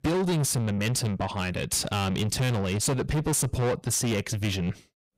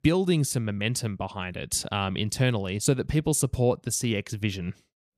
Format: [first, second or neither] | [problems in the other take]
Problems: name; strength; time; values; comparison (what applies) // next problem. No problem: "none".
second | distortion; heavy; 5 dB below the speech